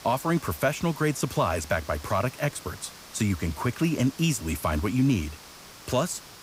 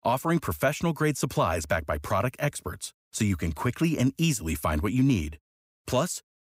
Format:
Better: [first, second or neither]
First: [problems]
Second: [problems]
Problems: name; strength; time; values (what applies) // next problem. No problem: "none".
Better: second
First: hiss; noticeable; throughout; 15 dB below the speech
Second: none